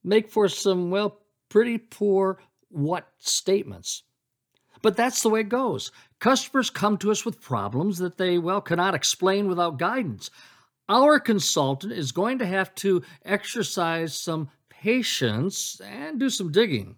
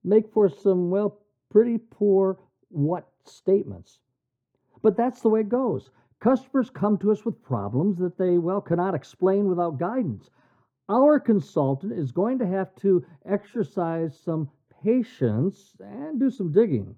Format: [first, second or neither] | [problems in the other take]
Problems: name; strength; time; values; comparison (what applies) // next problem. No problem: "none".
first | muffled; very; fading above 1.5 kHz